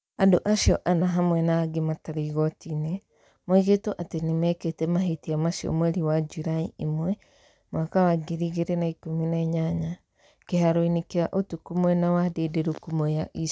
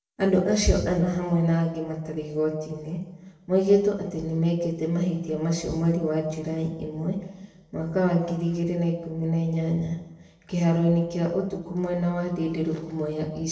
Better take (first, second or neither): first